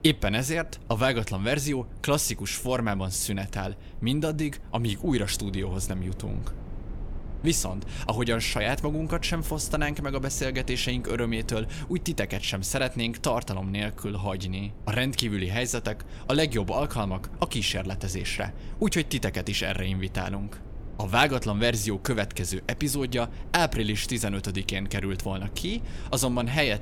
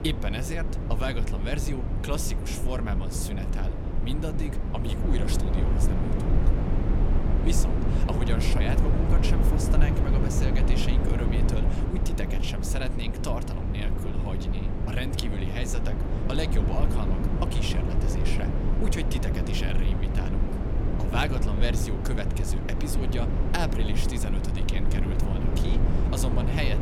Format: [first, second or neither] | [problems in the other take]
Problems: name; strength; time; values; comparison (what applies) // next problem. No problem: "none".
first | low rumble; loud; throughout; 1 dB below the speech; faint in the first